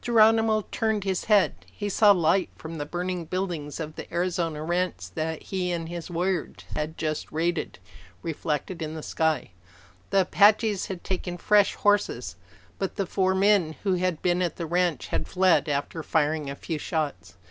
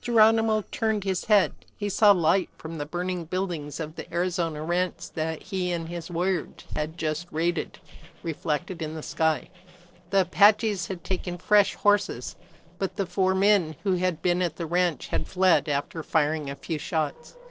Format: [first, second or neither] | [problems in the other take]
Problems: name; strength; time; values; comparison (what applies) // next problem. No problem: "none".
first | noise reduction (neural separator model SepFormer DNS4)